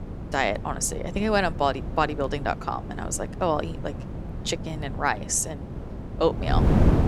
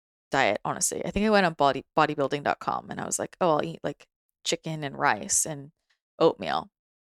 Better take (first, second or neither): second